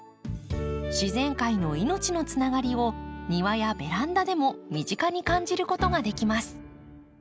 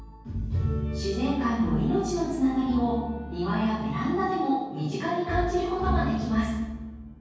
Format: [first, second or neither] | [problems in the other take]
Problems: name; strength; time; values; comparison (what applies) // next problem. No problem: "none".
first | room echo; dies away in 1.3 s